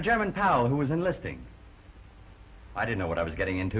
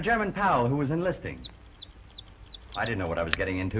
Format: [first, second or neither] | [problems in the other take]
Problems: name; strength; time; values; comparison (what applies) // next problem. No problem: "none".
first | background sound (Mechanisms); 15 dB below the speech